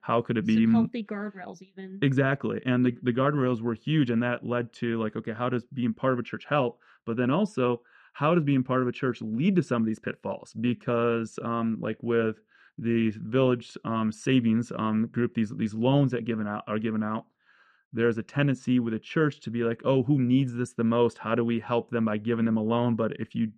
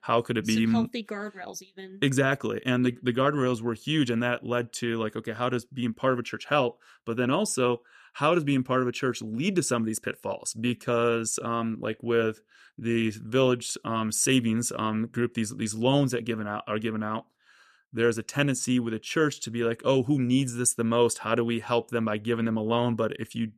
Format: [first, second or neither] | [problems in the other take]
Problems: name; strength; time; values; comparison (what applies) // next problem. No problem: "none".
second | muffled; very; fading above 2.5 kHz